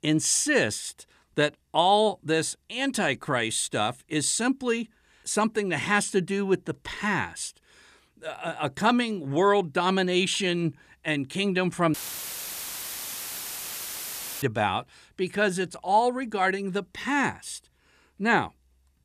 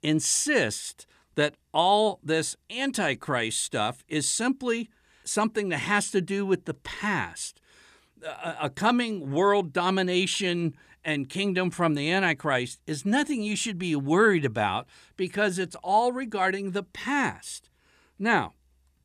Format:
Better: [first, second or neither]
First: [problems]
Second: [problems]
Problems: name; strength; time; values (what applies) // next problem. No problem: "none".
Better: second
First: audio cutting out; filled with static; at 12 s for 2.5 s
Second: none